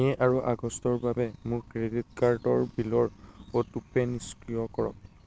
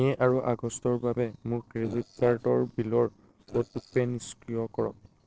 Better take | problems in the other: first | noise reduction (neural separator model SepFormer DNS4)

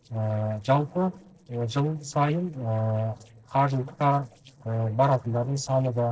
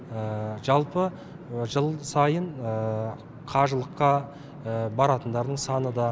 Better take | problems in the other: second | noise reduction (neural separator model SepFormer DNS4)

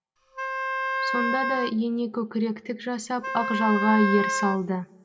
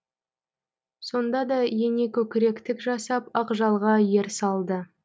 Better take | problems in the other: second | background sound (Wind instrument, woodwind instrument); 2 dB below the speech // room echo; dies away in 0.3 s

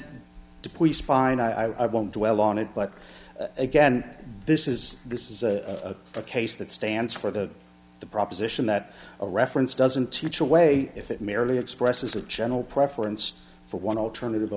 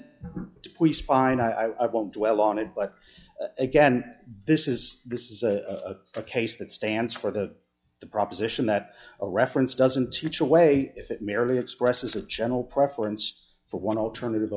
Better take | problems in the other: first | noise reduction (classical method log-MMSE)

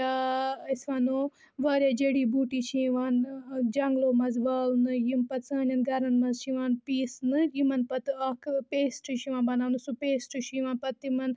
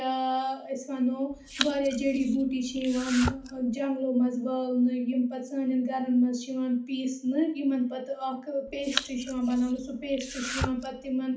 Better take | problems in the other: first | background sound (Domestic sounds, home sounds); 8 dB below the speech // room echo; dies away in 0.4 s

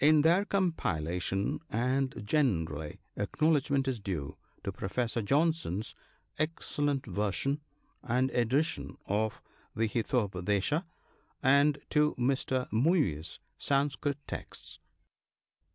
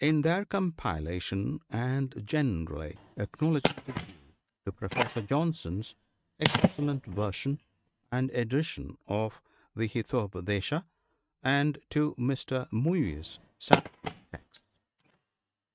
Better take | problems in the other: first | noise reduction (neural mask model RNNoise)

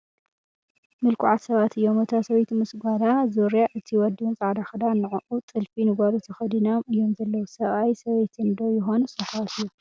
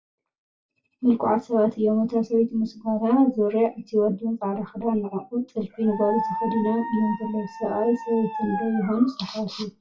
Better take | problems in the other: first | noise reduction (classical method WPE with log-MMSE)

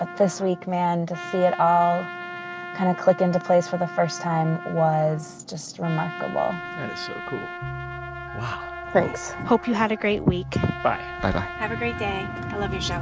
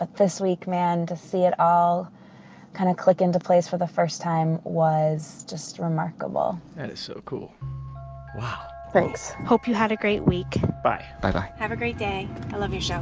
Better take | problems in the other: second | background sound (Trumpet); 11 dB below the speech

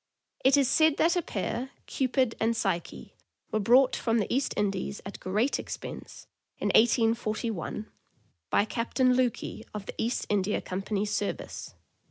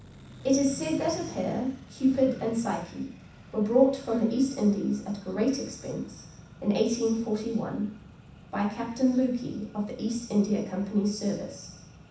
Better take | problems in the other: first | background sound (Accelerating, revving, vroom); 19 dB below the speech // room echo; dies away in 0.7 s

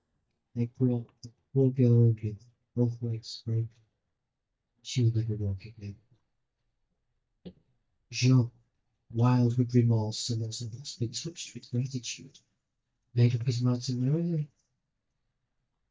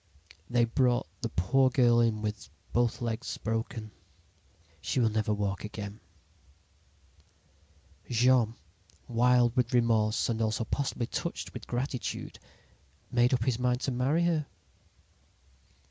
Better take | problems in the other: second | noise reduction (neural mask model DeepFilterNet 3)

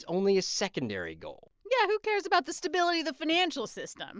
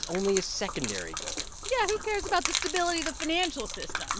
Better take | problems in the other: first | background sound (Gurgling / Liquid); 4 dB below the speech

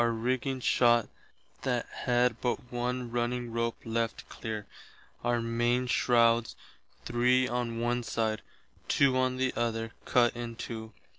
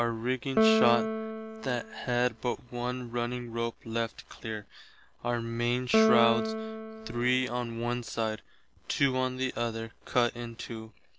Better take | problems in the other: first | background sound (Piano); 1 dB below the speech

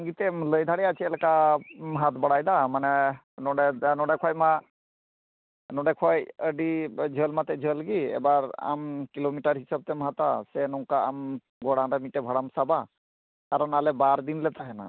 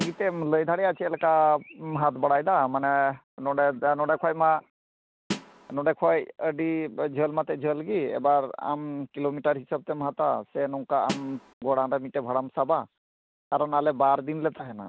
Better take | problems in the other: first | background sound (Snare drum); 8 dB below the speech

